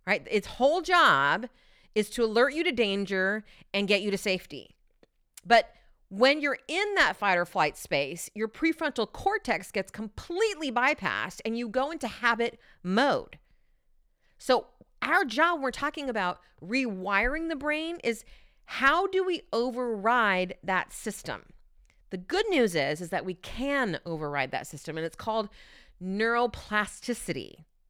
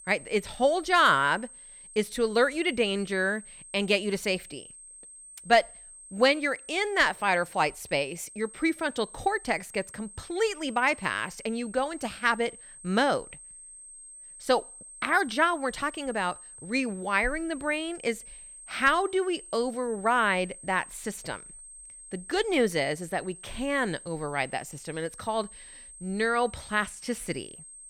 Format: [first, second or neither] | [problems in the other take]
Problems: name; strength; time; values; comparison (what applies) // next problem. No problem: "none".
first | high-pitched whine; noticeable; throughout; 8.5 kHz, 15 dB below the speech